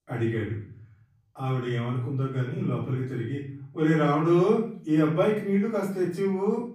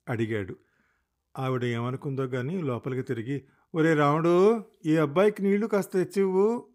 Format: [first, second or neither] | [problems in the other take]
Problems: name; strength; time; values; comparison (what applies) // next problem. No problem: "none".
second | off-mic speech; far // room echo; noticeable; dies away in 0.7 s